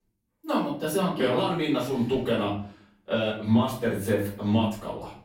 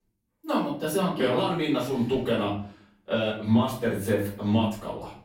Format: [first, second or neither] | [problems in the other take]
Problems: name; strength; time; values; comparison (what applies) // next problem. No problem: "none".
neither | room echo; noticeable; dies away in 0.5 s; the same in both // off-mic speech; far; the same in both